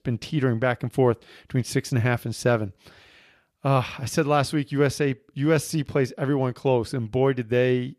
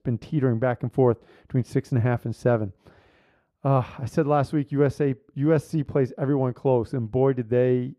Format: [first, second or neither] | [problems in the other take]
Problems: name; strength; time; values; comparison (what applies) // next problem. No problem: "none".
first | muffled; slightly; fading above 1.5 kHz